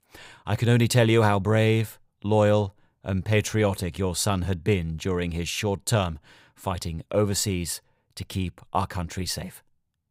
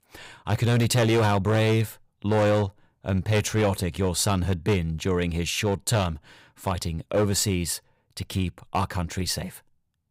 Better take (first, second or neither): first